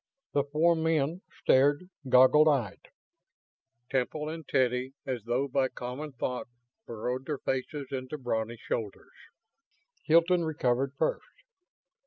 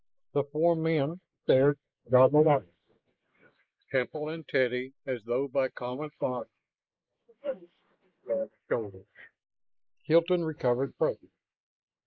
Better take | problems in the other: first | noise reduction (neural mask model Resemble Enhance denoiser)

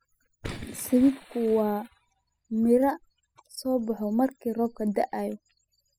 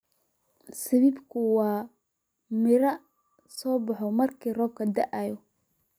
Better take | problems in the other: second | noise reduction (classical method spectral subtraction)

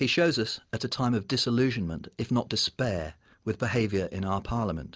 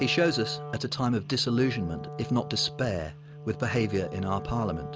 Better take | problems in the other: first | background sound (Wind instrument, woodwind instrument); 10 dB below the speech

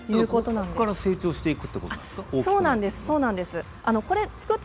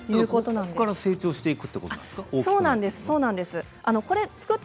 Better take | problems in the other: second | background sound (Wind); 16 dB below the speech

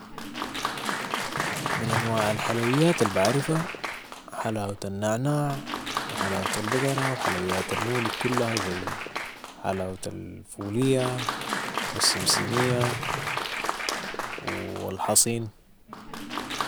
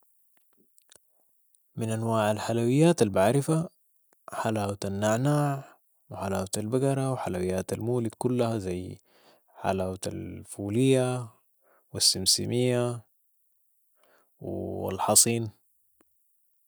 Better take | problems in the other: second | background sound (Fireworks + Applause); 3 dB below the speech

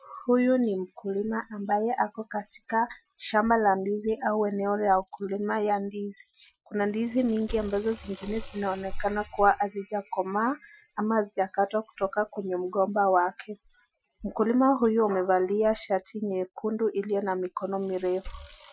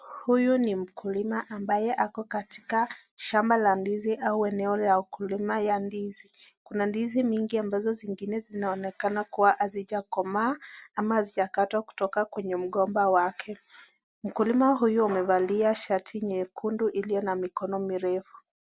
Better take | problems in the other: second | noise reduction (classical method Wiener filter)

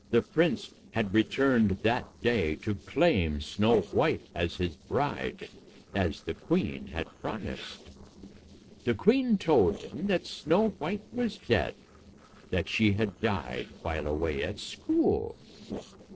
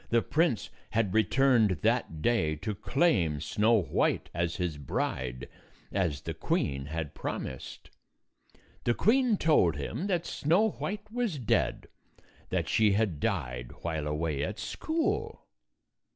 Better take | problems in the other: second | noise reduction (neural separator model SepFormer DNS4)

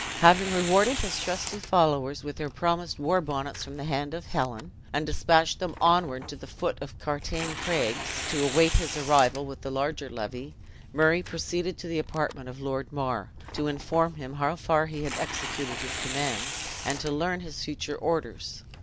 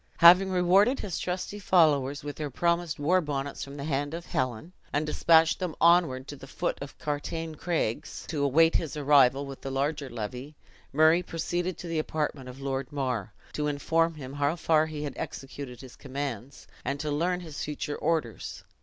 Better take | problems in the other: second | background sound (Tearing); 10 dB below the speech

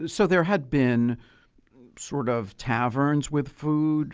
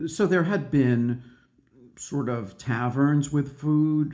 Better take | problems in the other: first | room echo; dies away in 0.4 s

